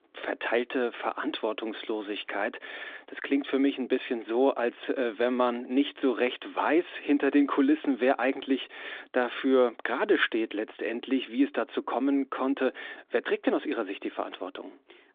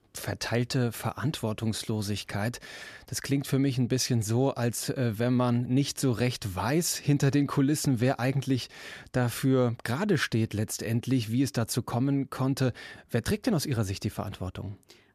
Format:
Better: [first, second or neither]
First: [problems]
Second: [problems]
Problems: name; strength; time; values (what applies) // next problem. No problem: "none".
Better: second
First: phone-call audio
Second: none